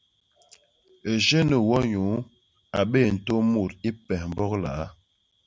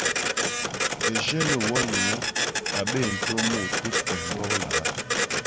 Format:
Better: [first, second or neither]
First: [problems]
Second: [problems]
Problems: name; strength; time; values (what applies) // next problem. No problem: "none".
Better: first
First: none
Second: background sound (Printer); 5 dB above the speech